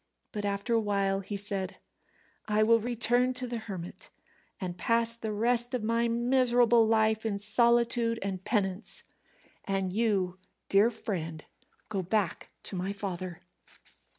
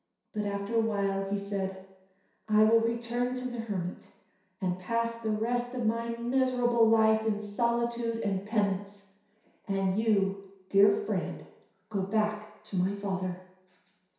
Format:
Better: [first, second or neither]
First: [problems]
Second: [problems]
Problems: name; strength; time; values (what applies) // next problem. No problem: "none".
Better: first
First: none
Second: room echo; dies away in 0.7 s